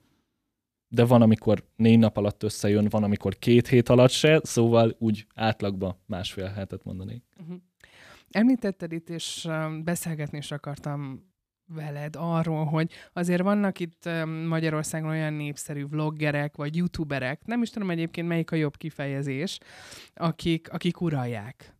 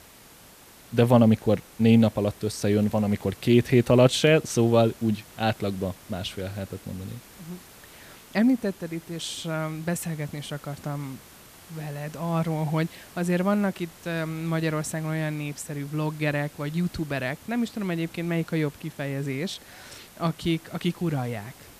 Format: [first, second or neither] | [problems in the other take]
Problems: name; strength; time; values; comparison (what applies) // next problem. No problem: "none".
first | hiss; faint; throughout; 20 dB below the speech